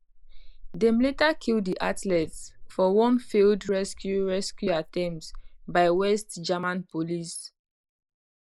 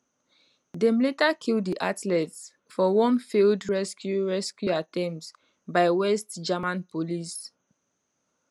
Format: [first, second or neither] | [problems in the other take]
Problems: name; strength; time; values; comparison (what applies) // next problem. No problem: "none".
second | noise reduction (neural mask model Resemble Enhance denoiser)